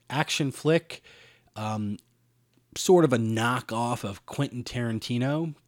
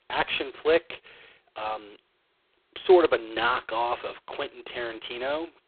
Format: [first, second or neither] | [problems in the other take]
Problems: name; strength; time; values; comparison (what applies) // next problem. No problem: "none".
first | phone-call audio; poor line; nothing above 3.5 kHz